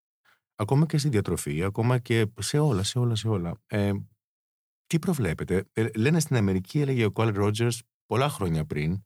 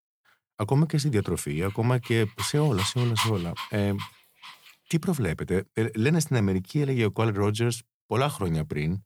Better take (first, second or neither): first